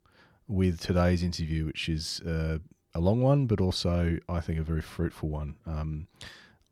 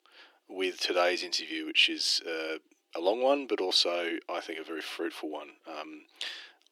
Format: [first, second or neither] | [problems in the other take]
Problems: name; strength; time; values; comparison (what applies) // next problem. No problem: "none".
first | thin; very; fading below 300 Hz